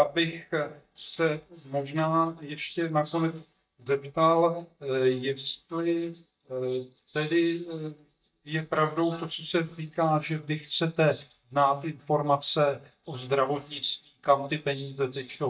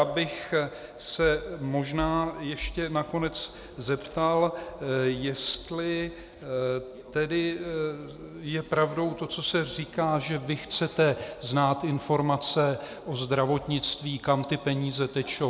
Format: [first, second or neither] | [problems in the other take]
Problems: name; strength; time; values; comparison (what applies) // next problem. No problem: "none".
second | noise reduction (neural mask model DeepFilterNet 3)